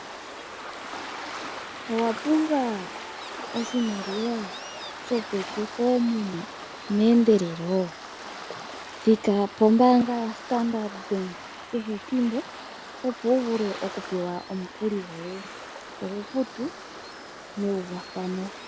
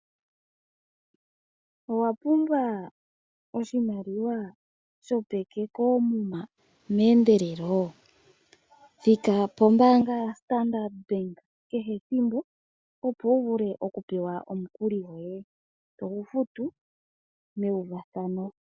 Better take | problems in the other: second | background sound (Waves, surf); 12 dB below the speech

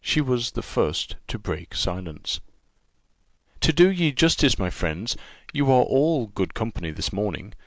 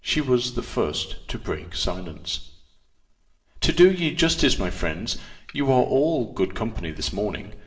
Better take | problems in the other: first | room echo; dies away in 0.7 s

